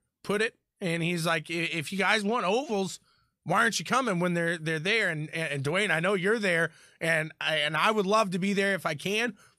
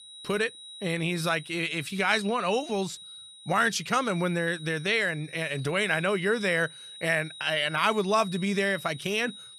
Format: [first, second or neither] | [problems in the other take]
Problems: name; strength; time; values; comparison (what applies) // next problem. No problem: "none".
first | high-pitched whine; noticeable; throughout; 4 kHz, 15 dB below the speech